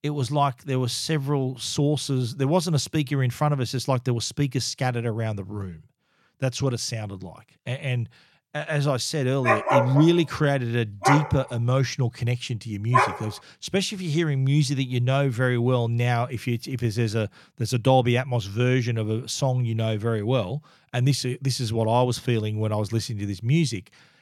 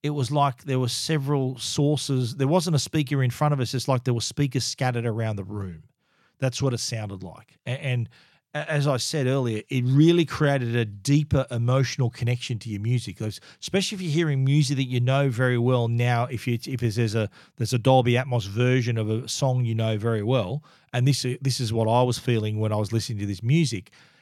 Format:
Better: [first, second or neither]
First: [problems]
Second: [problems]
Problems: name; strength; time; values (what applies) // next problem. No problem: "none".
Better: second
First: dog barking; loud; from 9.5 to 13 s; peak 4 dB above the speech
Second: none